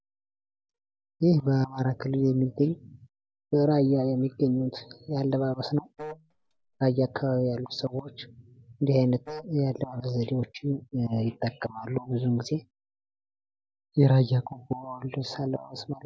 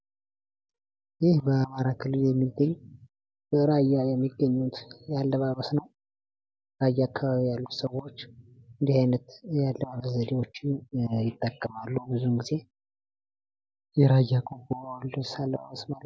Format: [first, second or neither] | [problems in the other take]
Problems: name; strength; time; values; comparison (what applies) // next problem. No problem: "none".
second | background sound (Wind instrument, woodwind instrument); 15 dB below the speech